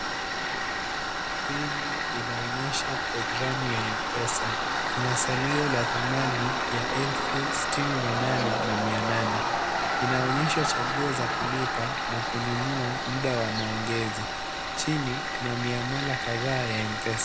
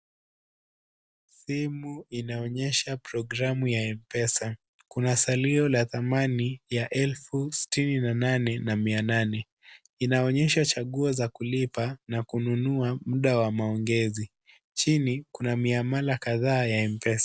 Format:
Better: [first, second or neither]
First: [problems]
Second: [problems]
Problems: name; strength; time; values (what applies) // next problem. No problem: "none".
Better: second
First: background sound (Tools); 3 dB above the speech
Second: none